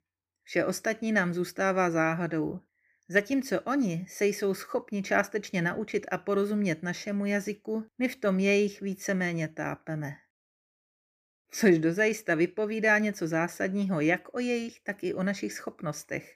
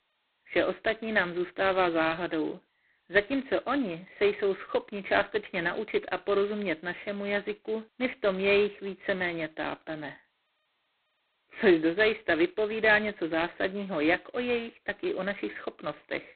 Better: first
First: none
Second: phone-call audio; poor line; nothing above 4 kHz

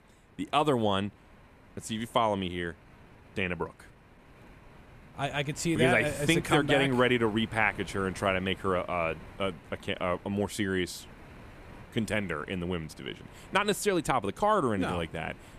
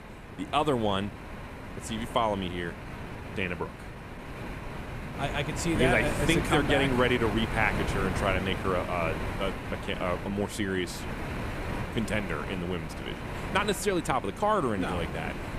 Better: first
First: wind noise on the microphone; occasional gusts; 25 dB below the speech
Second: wind noise on the microphone; heavy; 8 dB below the speech

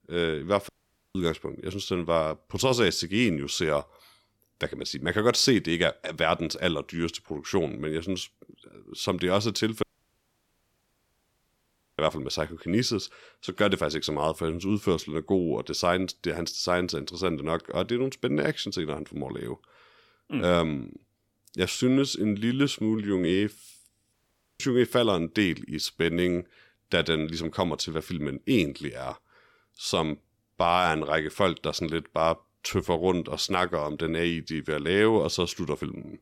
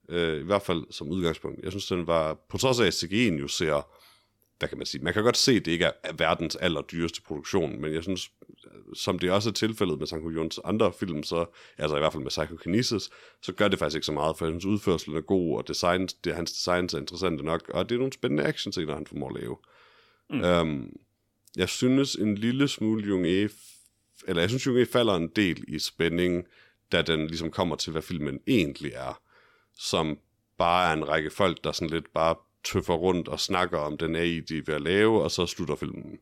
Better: second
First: audio cutting out; at 0.5 s, at 10 s for 2 s and at 24 s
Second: none

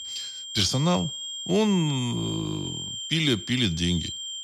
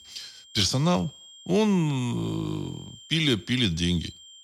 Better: second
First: high-pitched whine; loud; throughout; 3 kHz, 8 dB below the speech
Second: high-pitched whine; faint; throughout; 3 kHz, 20 dB below the speech

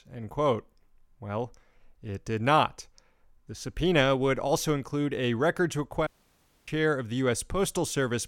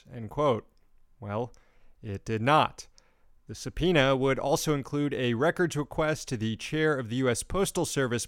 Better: second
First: audio cutting out; at 6 s for 0.5 s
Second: none

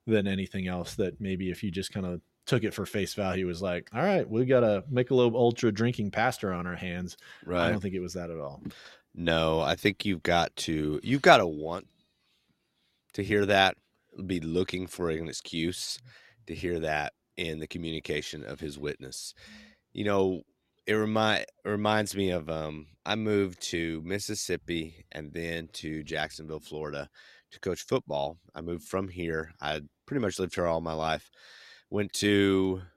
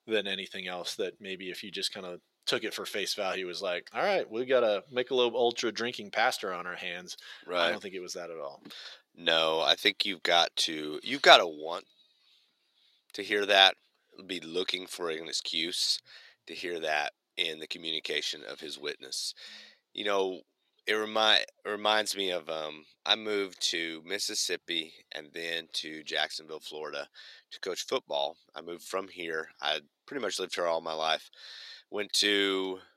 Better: first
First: none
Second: thin; somewhat; fading below 450 Hz

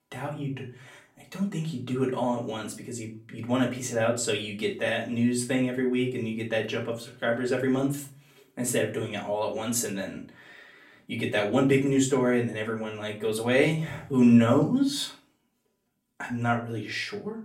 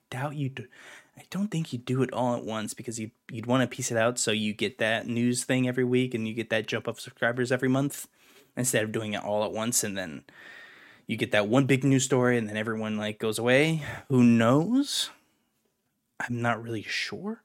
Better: second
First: room echo; slight; dies away in 0.3 s // off-mic speech; far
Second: none

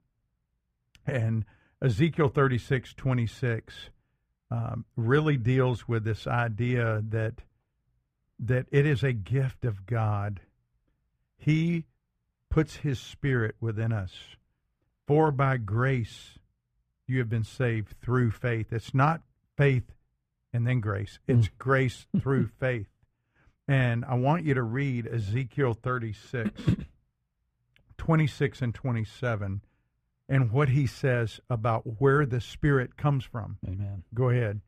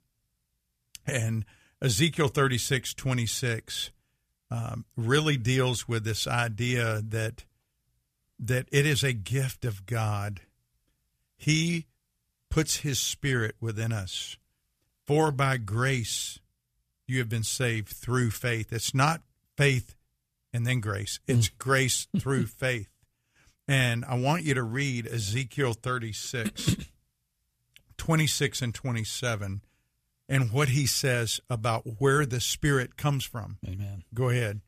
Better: second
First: muffled; very; fading above 3 kHz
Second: none

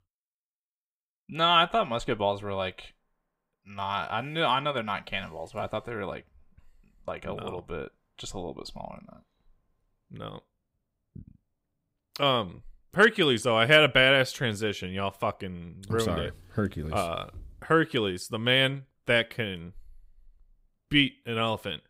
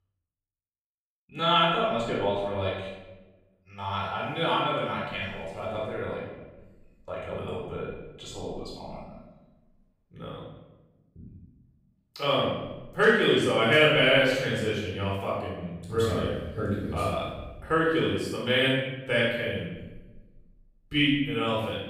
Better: first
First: none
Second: off-mic speech; far // room echo; strong; dies away in 1 s

